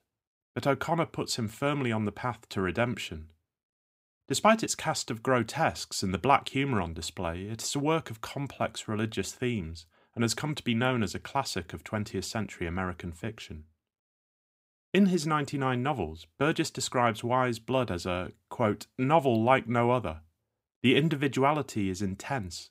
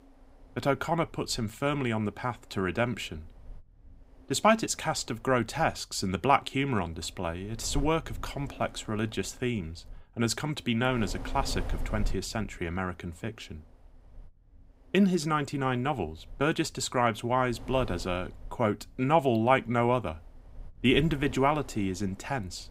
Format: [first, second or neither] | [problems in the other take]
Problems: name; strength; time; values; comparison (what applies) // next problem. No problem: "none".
first | wind noise on the microphone; occasional gusts; 25 dB below the speech